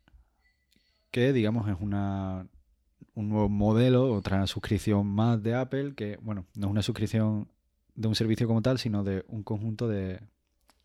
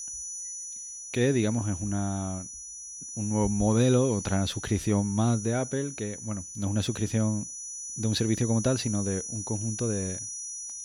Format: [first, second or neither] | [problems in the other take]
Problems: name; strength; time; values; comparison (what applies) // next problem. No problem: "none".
first | high-pitched whine; loud; throughout; 6 kHz, 8 dB below the speech